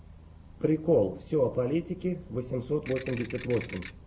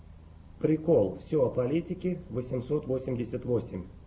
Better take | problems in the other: second | background sound (Ratchet, pawl / Percussion); 14 dB below the speech

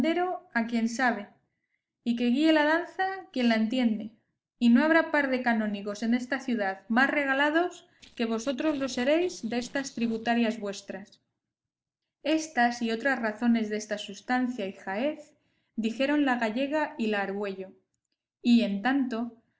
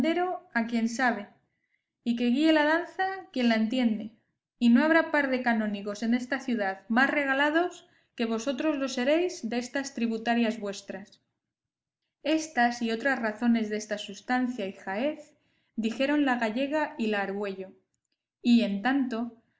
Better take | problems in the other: second | noise reduction (neural separator model SepFormer DNS4)

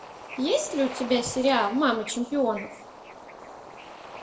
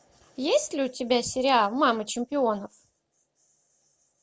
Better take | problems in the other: second | background sound (Bird / Ocean); 14 dB below the speech // room echo; dies away in 0.6 s

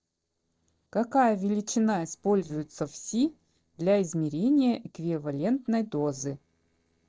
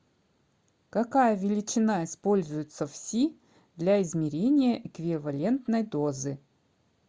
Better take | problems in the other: second | noise reduction (neural separator model SepFormer DNS4)

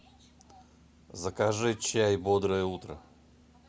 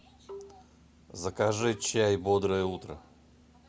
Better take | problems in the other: first | background sound (Marimba, xylophone); 17 dB below the speech

